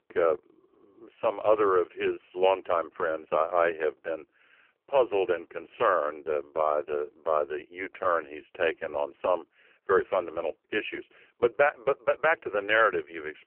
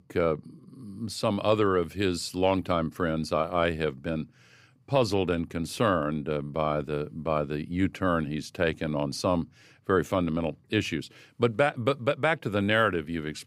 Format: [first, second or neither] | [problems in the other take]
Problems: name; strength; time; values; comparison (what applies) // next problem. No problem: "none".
second | phone-call audio; poor line; nothing above 3 kHz